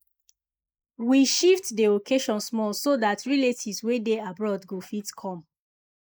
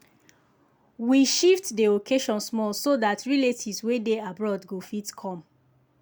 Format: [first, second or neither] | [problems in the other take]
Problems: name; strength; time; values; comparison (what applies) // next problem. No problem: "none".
second | noise reduction (neural mask model Resemble Enhance denoiser)